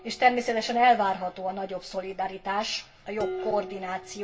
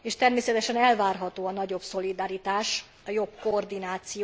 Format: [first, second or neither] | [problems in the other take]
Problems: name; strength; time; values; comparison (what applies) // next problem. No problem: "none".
second | background sound (Dishes, pots, and pans); 14 dB below the speech // room echo; dies away in 0.2 s